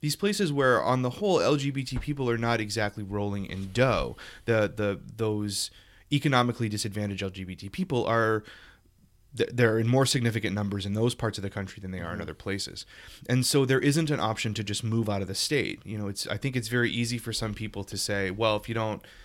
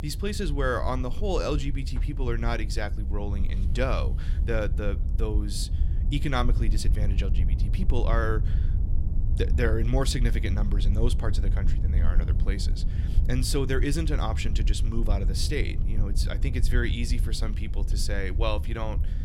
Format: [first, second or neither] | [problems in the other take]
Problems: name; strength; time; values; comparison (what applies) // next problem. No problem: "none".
first | low rumble; noticeable; throughout; 15 dB below the speech